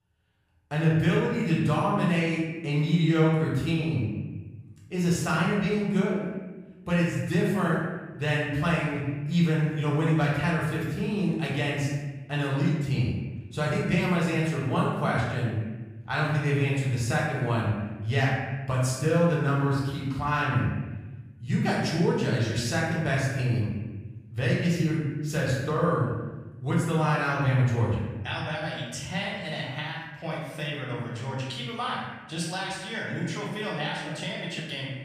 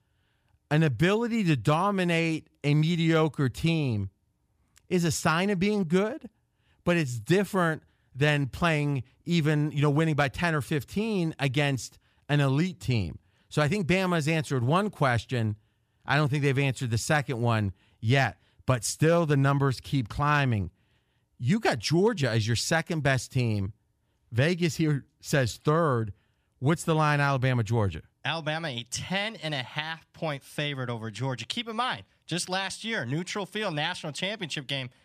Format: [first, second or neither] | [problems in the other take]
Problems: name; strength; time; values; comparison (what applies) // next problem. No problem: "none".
second | room echo; noticeable; dies away in 1.1 s // off-mic speech; far